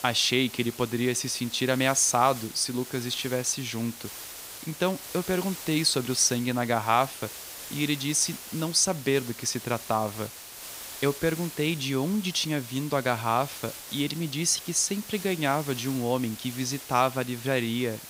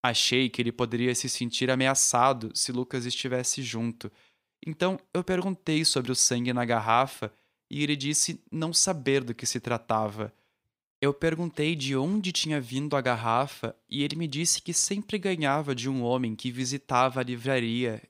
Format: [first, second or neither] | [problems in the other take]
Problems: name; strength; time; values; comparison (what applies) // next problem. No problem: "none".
second | hiss; noticeable; throughout; 10 dB below the speech